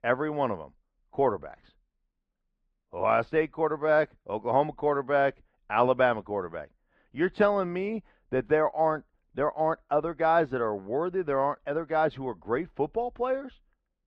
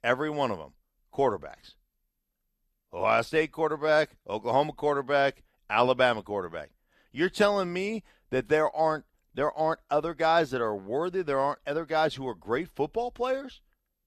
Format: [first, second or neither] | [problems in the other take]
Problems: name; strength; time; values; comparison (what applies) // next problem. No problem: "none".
second | muffled; very; fading above 2 kHz